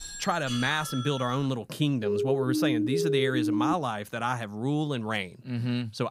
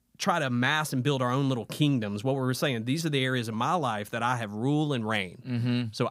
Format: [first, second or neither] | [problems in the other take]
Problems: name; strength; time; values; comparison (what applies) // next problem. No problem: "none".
second | doorbell; noticeable; until 1.5 s; peak 6 dB below the speech // siren; loud; from 2 to 3.5 s; peak 2 dB above the speech